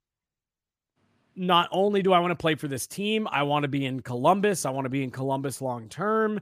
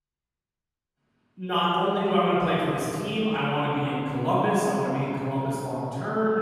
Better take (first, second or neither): first